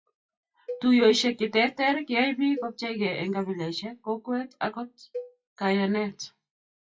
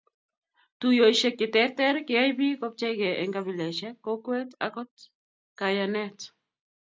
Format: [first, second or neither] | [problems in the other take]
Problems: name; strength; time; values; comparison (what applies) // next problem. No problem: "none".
second | noise reduction (classical method WPE with log-MMSE)